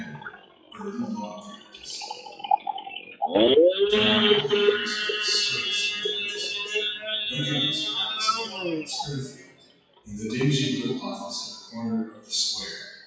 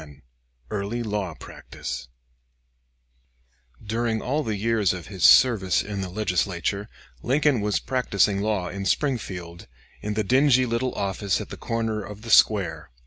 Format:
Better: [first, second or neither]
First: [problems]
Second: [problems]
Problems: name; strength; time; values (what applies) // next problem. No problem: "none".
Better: second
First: noise reduction (classical method WPE with log-MMSE)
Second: none